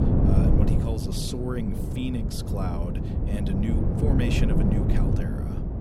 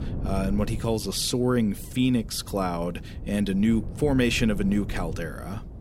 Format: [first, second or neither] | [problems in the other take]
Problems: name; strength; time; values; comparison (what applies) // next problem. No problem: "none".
second | wind noise on the microphone; heavy; 2 dB above the speech; occasional gusts in the second